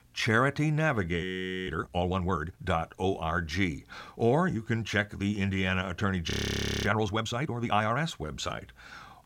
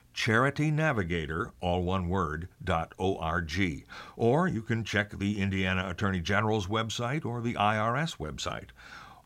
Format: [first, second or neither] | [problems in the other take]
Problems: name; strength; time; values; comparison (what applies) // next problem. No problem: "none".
second | audio freezing; at 1 s and at 6.5 s for 0.5 s